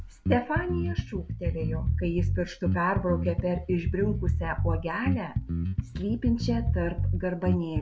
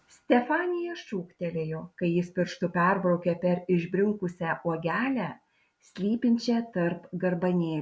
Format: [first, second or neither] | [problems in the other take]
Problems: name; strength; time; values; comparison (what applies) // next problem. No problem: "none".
second | background sound (Bass guitar); 1 dB above the speech